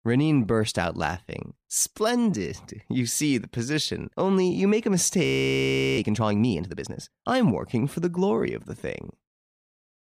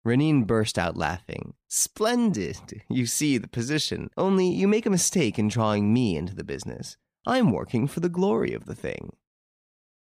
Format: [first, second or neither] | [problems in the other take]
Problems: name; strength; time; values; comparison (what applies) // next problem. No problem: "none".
second | audio freezing; at 5 s for 0.5 s